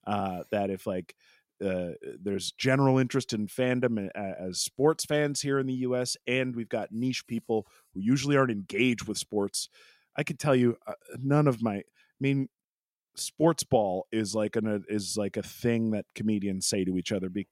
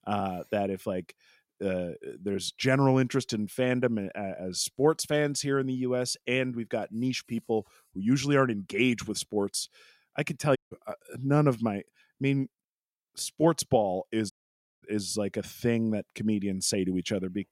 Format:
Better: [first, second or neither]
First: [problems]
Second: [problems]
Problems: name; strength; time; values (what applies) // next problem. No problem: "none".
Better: first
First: none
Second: audio cutting out; at 11 s and at 14 s for 0.5 s